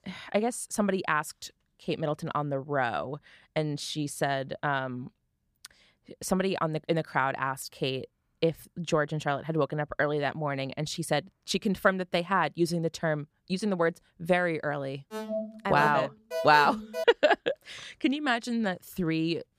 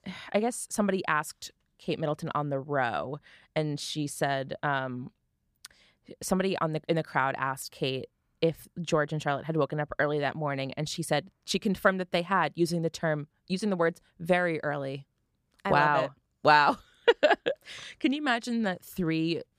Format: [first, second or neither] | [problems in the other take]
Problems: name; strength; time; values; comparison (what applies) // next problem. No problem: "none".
second | alarm; noticeable; from 15 to 17 s; peak 4 dB below the speech